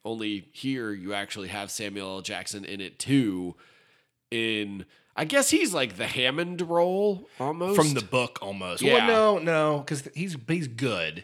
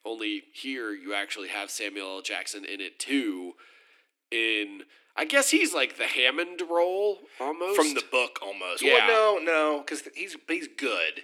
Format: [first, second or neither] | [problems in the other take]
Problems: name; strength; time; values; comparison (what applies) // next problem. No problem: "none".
first | thin; very slightly; fading below 300 Hz